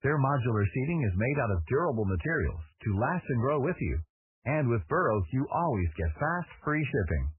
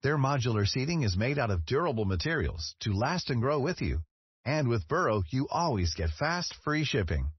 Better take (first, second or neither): second